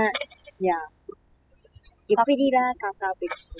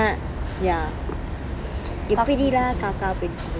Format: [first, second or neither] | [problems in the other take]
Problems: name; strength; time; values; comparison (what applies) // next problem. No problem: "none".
second | noise reduction (classical method spectral subtraction)